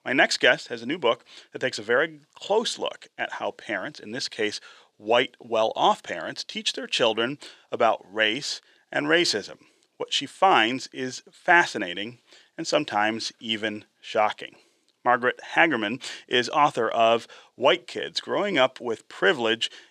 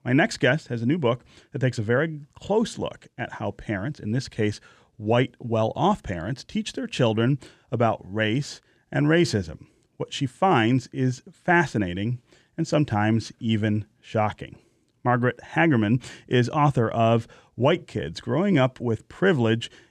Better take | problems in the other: second | thin; somewhat; fading below 500 Hz

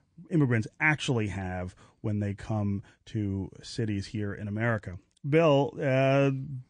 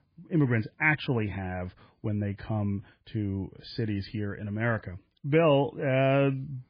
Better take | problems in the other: first | garbled, watery; badly; slightly in the first

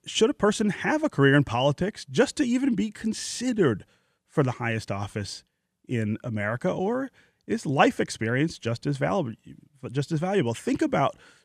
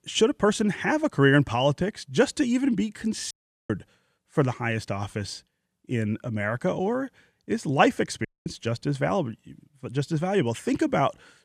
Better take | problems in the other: first | audio cutting out; at 3.5 s and at 8.5 s

